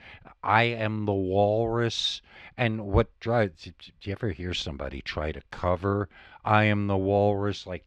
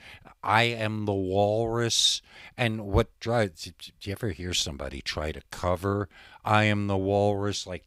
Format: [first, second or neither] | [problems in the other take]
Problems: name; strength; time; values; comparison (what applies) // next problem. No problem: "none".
second | muffled; slightly; fading above 3 kHz